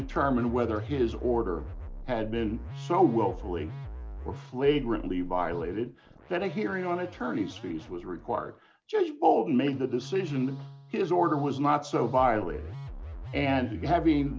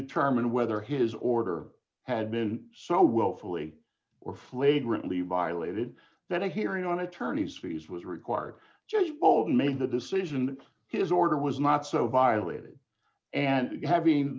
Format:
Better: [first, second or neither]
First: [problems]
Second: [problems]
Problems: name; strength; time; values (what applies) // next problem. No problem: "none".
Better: second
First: background sound (Musical instrument); 12 dB below the speech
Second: none